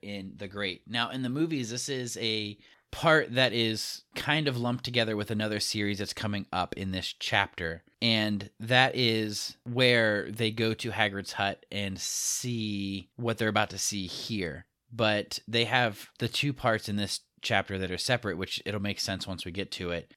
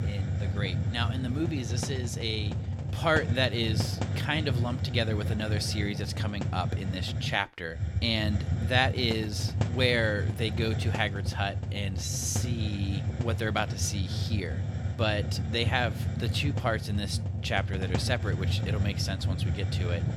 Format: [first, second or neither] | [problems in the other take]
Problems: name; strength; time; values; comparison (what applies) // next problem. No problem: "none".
first | hiss; loud; throughout; as loud as the speech